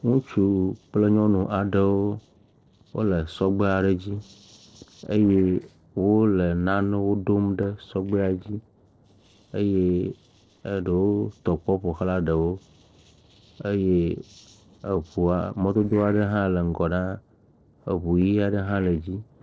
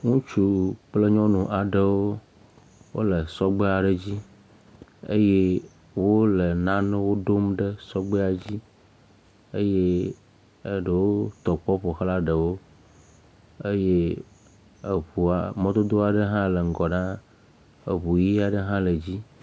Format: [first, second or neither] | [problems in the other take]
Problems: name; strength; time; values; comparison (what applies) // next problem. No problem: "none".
second | noise reduction (neural separator model SepFormer DNS4)